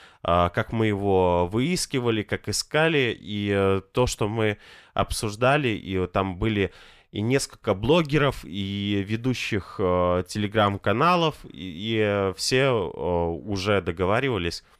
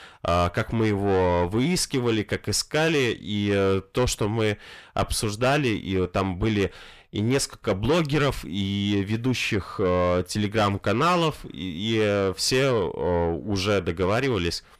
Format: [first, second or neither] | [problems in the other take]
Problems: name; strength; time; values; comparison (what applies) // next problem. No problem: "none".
first | distortion; slight; 10 dB below the speech